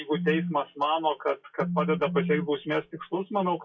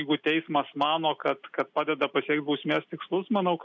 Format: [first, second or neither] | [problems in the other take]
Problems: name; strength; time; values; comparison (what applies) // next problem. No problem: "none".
second | noise reduction (classical method WPE with log-MMSE)